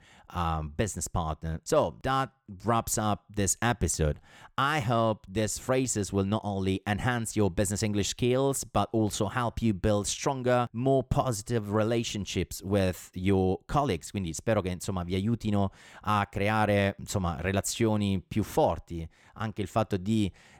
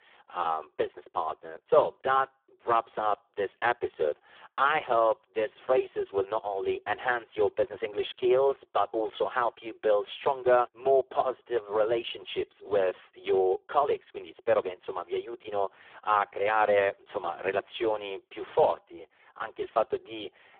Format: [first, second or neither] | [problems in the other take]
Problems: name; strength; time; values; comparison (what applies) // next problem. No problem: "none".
first | phone-call audio; poor line